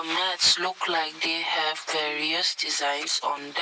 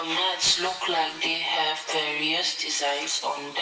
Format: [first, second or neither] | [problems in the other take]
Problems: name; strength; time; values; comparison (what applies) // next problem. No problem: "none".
first | room echo; dies away in 2.6 s